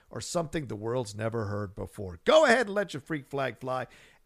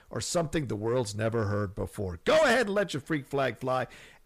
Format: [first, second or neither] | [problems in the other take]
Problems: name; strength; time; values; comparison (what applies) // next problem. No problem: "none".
first | distortion; heavy; 7 dB below the speech